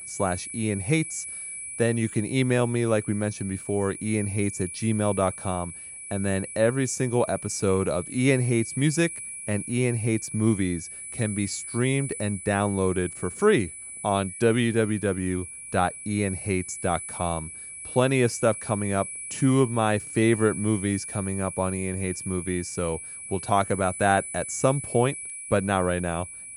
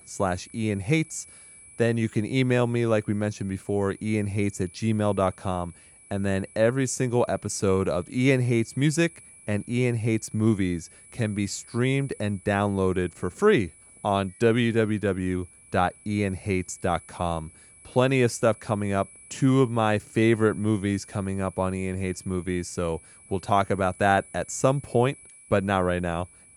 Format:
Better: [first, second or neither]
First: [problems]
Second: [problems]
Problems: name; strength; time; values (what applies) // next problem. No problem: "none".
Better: second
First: high-pitched whine; loud; throughout; 10.5 kHz, 9 dB below the speech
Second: high-pitched whine; faint; throughout; 10.5 kHz, 20 dB below the speech